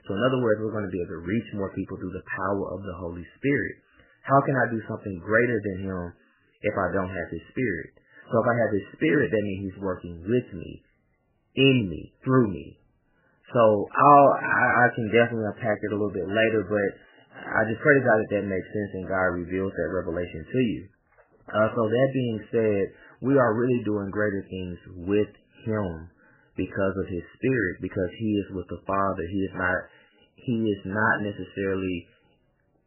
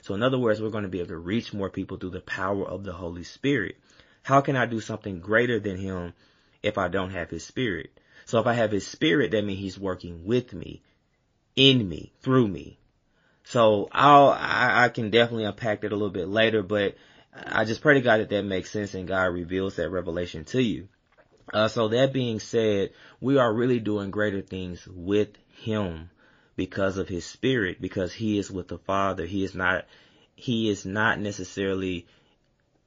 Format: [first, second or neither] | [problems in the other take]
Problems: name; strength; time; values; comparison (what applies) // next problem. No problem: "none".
second | garbled, watery; badly; nothing above 3 kHz; slightly in the second